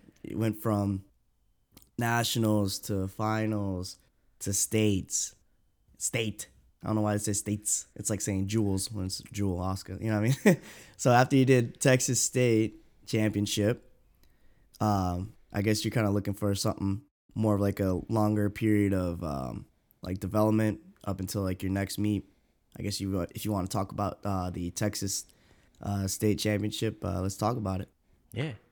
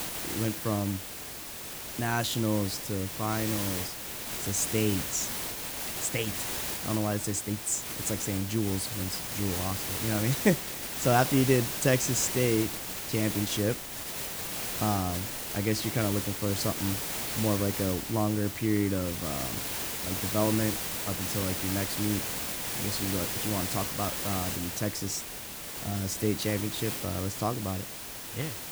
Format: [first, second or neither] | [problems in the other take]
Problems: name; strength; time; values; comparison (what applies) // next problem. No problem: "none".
first | hiss; loud; throughout; 2 dB below the speech